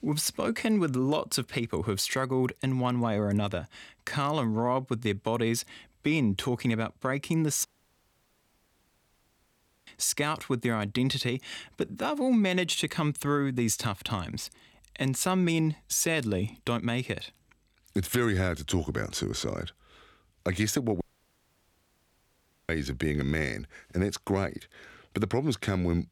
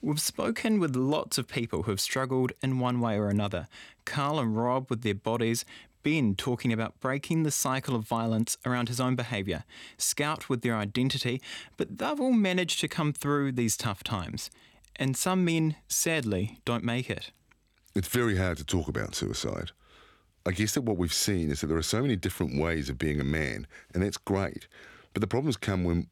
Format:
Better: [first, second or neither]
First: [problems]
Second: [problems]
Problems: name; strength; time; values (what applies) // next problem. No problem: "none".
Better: second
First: audio cutting out; at 7.5 s for 2 s and at 21 s for 1.5 s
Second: none